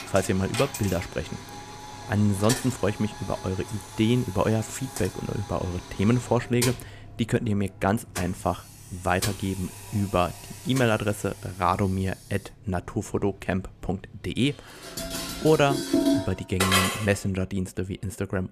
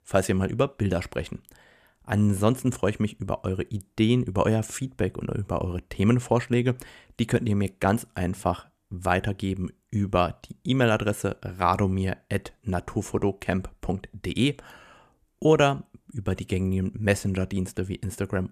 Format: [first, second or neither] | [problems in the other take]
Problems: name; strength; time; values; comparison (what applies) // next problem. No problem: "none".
second | household noises; loud; throughout; 5 dB below the speech